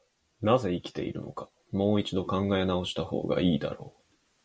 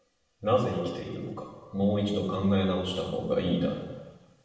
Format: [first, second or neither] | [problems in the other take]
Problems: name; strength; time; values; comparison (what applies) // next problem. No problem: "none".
first | room echo; dies away in 1.2 s